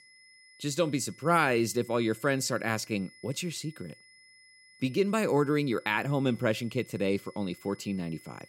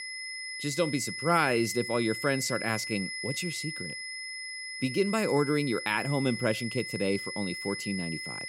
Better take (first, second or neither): first